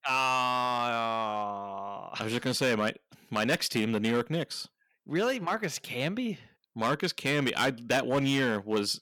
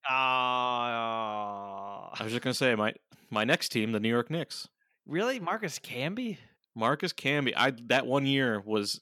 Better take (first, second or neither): second